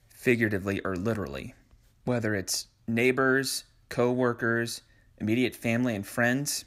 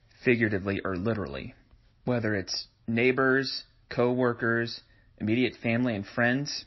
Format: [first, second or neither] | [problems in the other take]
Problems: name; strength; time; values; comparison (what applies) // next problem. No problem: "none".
first | garbled, watery; slightly; nothing above 5.5 kHz